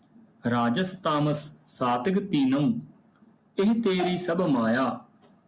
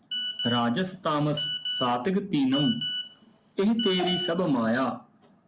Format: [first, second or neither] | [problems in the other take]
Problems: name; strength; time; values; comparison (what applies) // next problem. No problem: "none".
first | background sound (Telephone); 7 dB below the speech